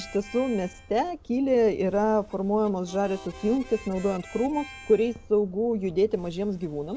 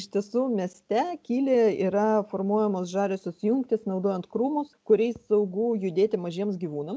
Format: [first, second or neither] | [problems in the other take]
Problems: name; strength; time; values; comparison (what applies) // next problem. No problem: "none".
second | background sound (Subway, metro, underground + Harmonica); 19 dB below the speech